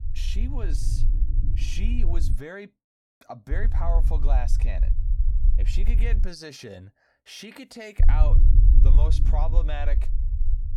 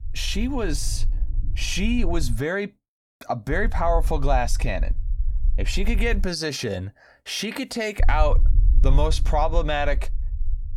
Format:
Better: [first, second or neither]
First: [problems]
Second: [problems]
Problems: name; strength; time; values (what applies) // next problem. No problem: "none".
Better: second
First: low rumble; loud; until 2.5 s, from 3.5 to 6.5 s and from 8 s on; 7 dB below the speech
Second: low rumble; faint; until 2.5 s, from 3.5 to 6.5 s and from 8 s on; 20 dB below the speech